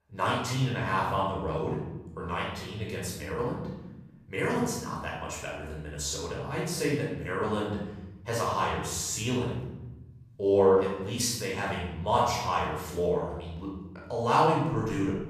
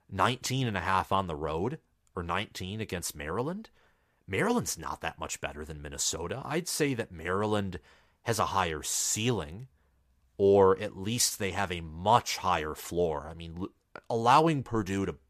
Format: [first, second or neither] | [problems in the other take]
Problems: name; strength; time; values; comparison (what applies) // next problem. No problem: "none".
second | off-mic speech; far // room echo; noticeable; dies away in 1.1 s